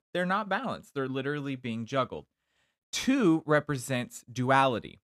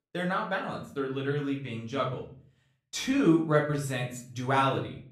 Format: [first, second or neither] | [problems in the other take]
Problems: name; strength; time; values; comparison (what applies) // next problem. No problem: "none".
first | room echo; slight; dies away in 0.4 s // off-mic speech; far